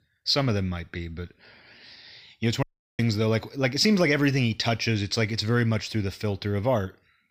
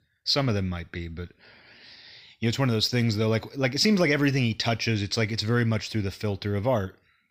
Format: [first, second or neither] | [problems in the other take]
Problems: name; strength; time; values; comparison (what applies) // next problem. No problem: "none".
second | audio cutting out; at 2.5 s